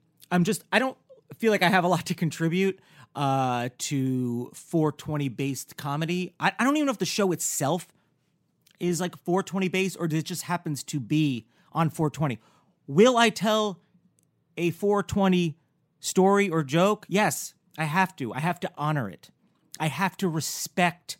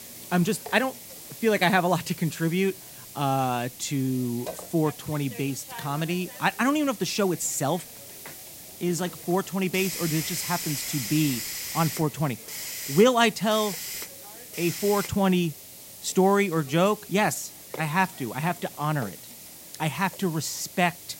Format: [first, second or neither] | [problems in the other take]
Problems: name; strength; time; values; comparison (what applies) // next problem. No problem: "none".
first | hiss; noticeable; throughout; 10 dB below the speech